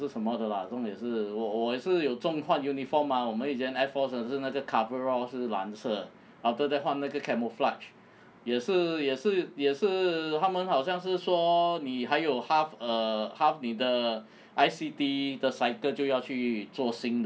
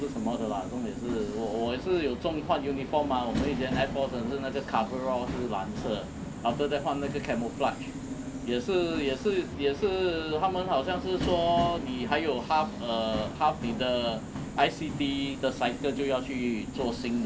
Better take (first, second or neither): first